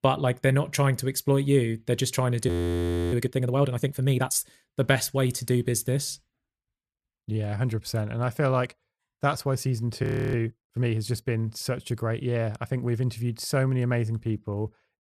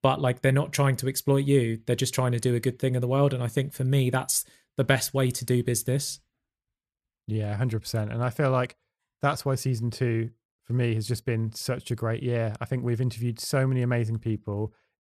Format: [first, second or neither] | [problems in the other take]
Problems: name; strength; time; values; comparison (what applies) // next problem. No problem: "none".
second | audio freezing; at 2.5 s for 0.5 s and at 10 s